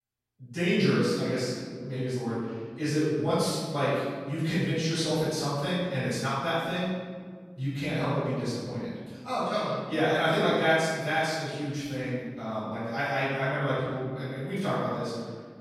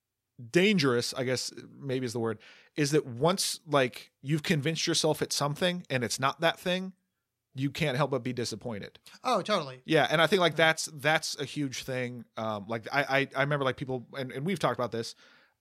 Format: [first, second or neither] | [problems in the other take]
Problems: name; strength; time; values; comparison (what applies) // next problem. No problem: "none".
second | room echo; strong; dies away in 1.7 s // off-mic speech; far